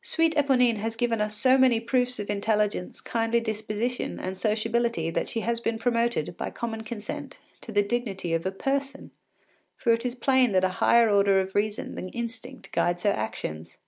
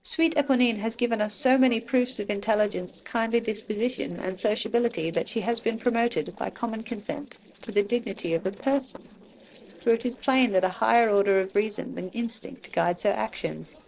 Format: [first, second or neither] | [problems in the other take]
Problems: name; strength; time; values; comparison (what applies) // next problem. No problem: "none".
first | noise reduction (neural separator model SepFormer DNS4)